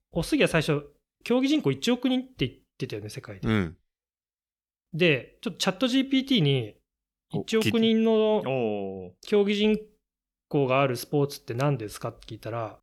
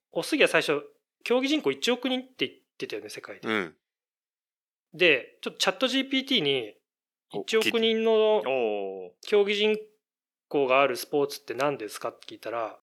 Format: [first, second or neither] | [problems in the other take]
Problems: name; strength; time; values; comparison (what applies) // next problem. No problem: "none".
first | thin; somewhat; fading below 400 Hz